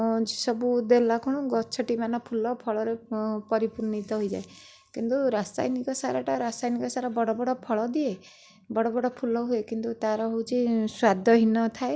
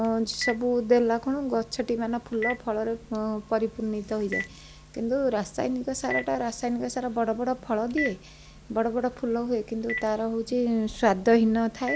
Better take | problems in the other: first | background sound (Telephone); 13 dB below the speech

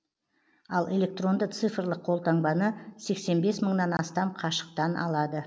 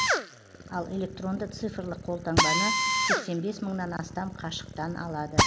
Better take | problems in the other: first | background sound (Drill); 4 dB above the speech

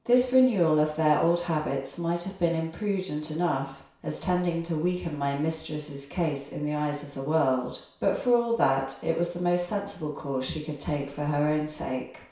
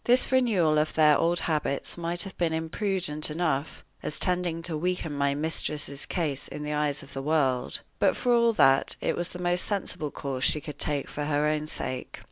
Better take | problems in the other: second | room echo; dies away in 0.6 s

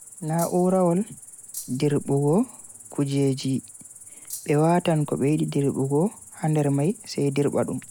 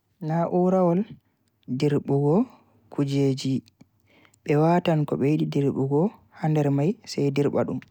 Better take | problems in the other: second | background sound (Cricket + Rattle (instrument)); 19 dB below the speech

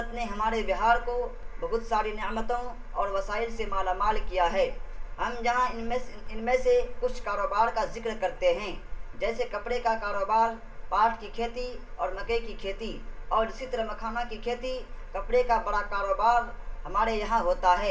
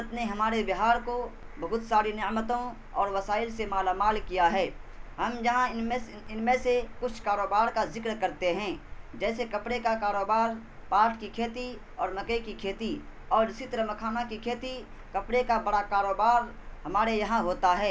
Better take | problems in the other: second | room echo; dies away in 0.6 s

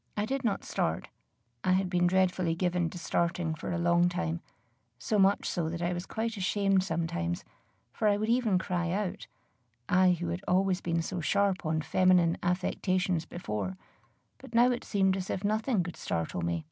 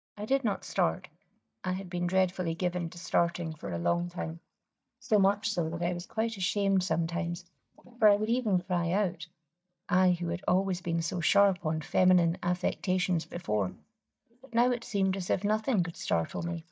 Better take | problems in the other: first | noise reduction (neural mask model DeepFilterNet 3)

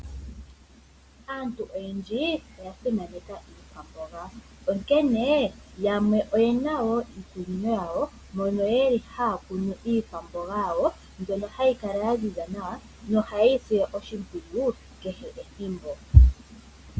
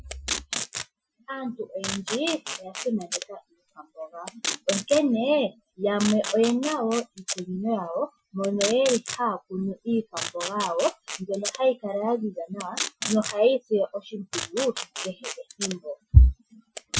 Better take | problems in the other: first | noise reduction (classical method Wiener filter)

